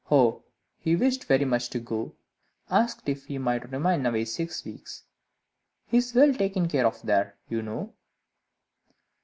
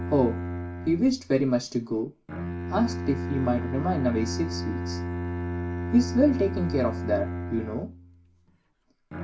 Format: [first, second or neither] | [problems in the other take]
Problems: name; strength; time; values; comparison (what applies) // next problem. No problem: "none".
first | background sound (Bowed string instrument); 5 dB below the speech // room echo; dies away in 0.2 s